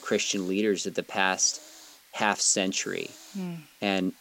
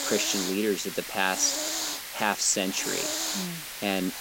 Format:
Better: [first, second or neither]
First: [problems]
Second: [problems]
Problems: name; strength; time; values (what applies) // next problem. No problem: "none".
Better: first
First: hiss; faint; throughout; 25 dB below the speech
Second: hiss; loud; throughout; 3 dB below the speech